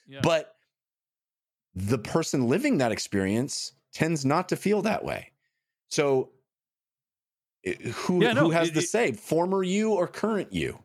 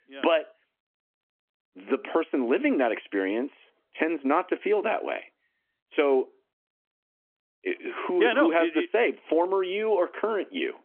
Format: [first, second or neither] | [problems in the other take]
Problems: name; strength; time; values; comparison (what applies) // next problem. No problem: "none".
first | phone-call audio; nothing above 3.5 kHz